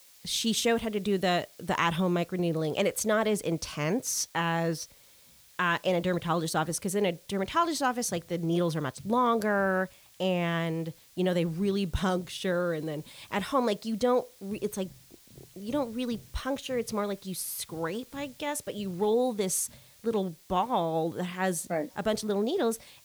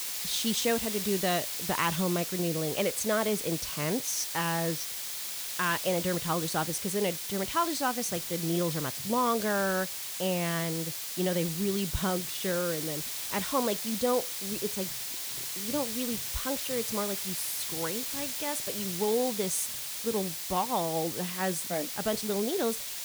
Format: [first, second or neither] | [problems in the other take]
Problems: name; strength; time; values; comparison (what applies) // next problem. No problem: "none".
first | hiss; loud; throughout; 2 dB below the speech; faint in the first